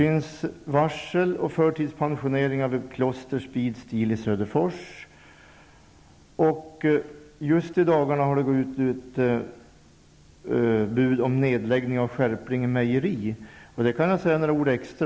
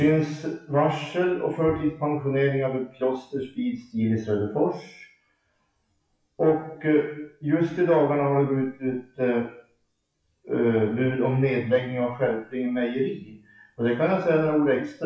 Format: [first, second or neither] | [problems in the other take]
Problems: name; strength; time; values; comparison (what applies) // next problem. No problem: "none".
first | noise reduction (classical method WPE with log-MMSE)